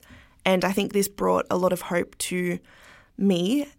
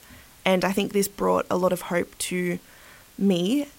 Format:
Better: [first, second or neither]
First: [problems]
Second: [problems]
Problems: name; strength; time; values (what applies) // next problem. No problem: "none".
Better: first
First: none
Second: hiss; faint; throughout; 25 dB below the speech